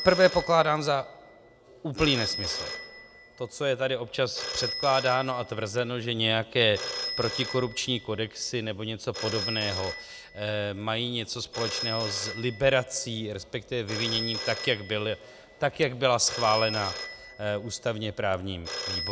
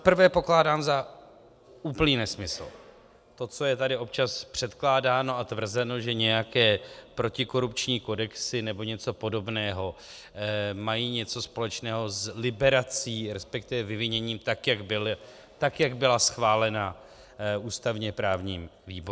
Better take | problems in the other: second | background sound (Telephone); 9 dB below the speech

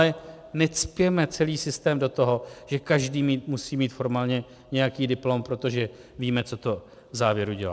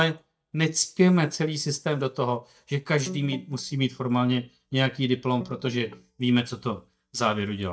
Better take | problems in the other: first | noise reduction (neural mask model DeepFilterNet 3)

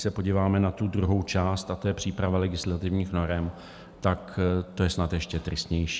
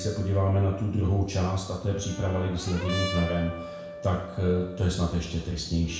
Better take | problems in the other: first | background sound (Brass instrument); 12 dB below the speech // room echo; dies away in 0.7 s

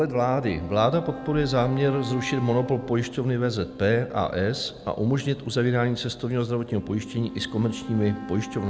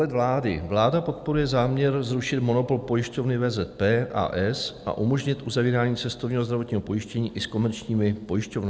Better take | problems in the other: second | background sound (Wind instrument, woodwind instrument); 15 dB below the speech

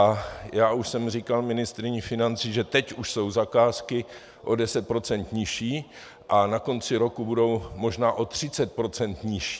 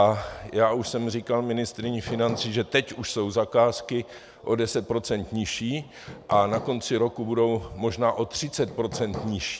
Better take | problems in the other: first | background sound (Hammer); 12 dB below the speech

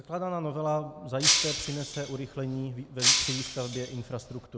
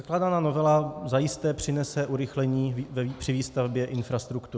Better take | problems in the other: second | background sound (Shatter); 4 dB above the speech

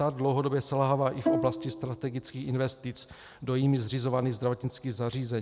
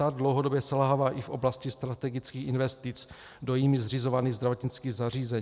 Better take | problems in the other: second | background sound (Bowed string instrument); 5 dB below the speech

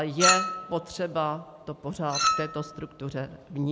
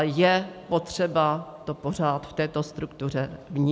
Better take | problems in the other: second | background sound (Chink, clink); as loud as the speech

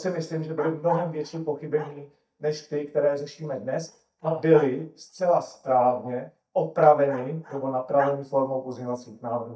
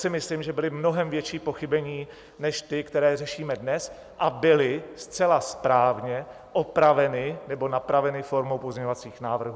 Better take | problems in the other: second | noise reduction (neural mask model DeepFilterNet 3)

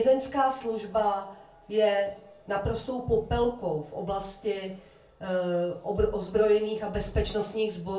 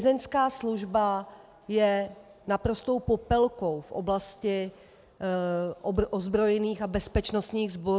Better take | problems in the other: second | room echo; dies away in 0.3 s

